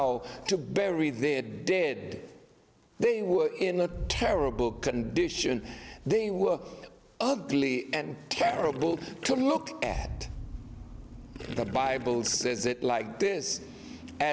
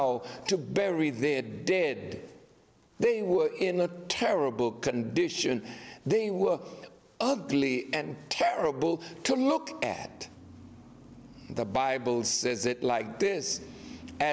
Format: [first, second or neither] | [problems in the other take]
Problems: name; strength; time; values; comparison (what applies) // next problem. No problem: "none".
second | background sound (Gurgling + Boom); 14 dB below the speech